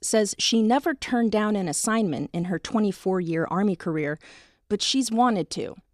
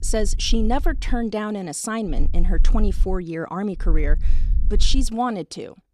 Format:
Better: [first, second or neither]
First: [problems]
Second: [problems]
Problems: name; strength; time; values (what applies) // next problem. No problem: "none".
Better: first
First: none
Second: low rumble; faint; until 1 s, from 2 to 3 s and from 4 to 5 s; 20 dB below the speech